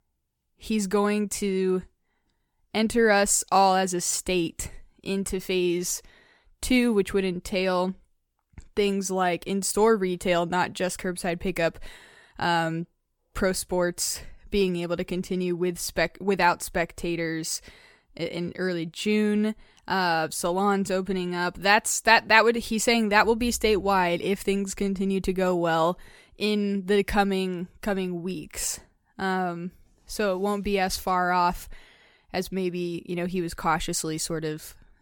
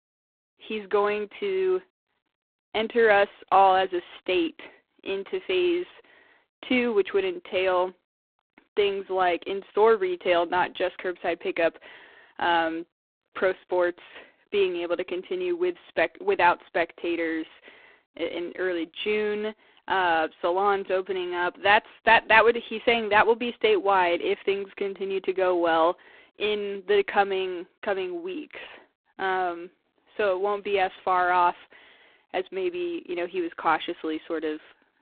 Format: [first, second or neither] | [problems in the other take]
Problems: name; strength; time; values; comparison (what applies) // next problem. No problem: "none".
first | phone-call audio; poor line